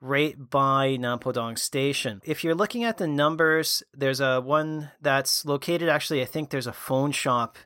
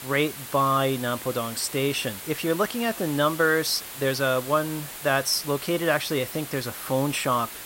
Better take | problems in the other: first | hiss; noticeable; throughout; 10 dB below the speech

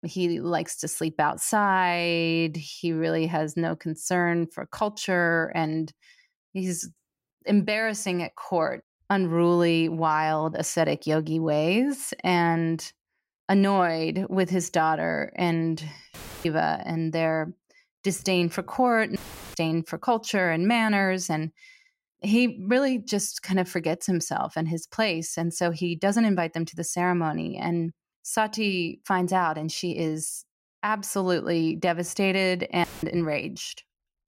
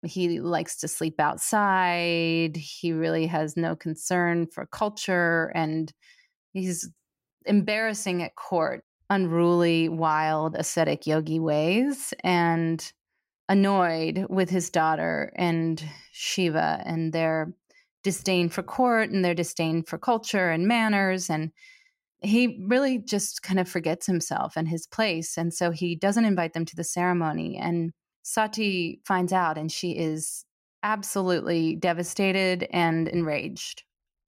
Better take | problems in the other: second | audio cutting out; filled with static; at 16 s, at 19 s and at 33 s

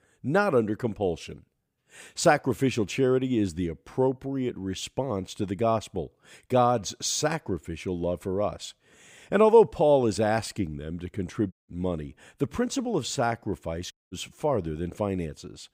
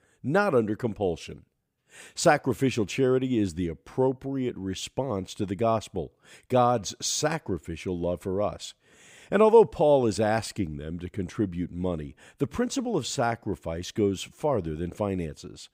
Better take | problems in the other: second | audio cutting out; at 12 s and at 14 s

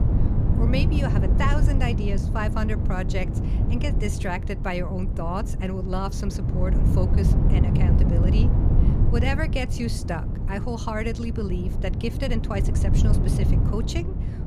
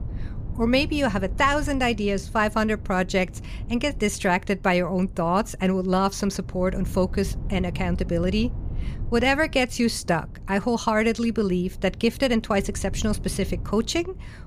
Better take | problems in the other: second | wind noise on the microphone; heavy; 4 dB below the speech; occasional gusts in the second

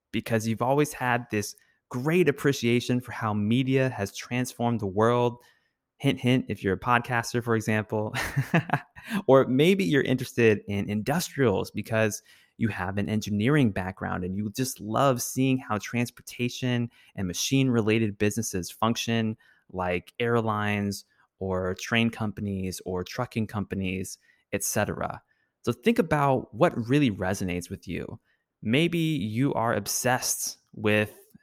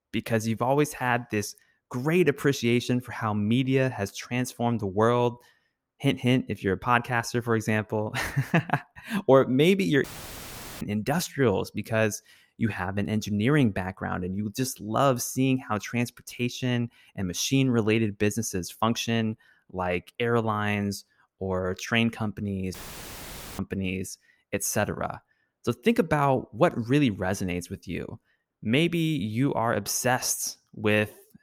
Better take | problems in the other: first | audio cutting out; filled with static; at 10 s for 1 s and at 23 s for 1 s

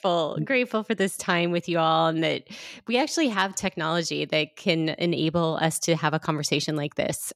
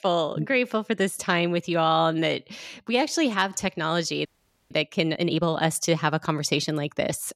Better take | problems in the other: first | audio freezing; at 4.5 s

